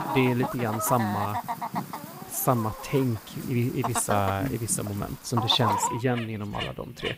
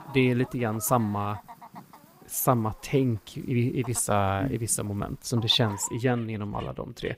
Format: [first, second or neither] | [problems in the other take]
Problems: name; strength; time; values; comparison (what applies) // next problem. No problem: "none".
second | animal sounds; loud; throughout; 6 dB below the speech; faint in the second